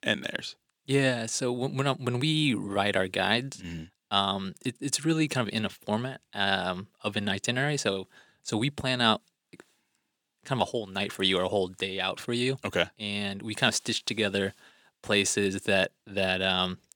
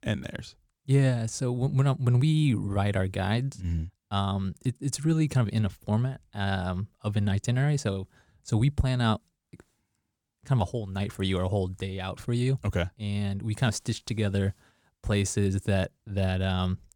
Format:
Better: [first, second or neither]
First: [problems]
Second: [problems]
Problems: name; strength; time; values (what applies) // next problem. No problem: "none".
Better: second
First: thin; somewhat; fading below 250 Hz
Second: none